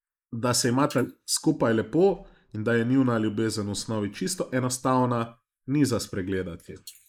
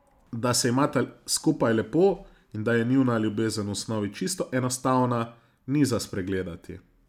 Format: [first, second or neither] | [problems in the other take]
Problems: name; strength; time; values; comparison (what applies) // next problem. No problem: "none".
second | noise reduction (neural mask model Resemble Enhance denoiser)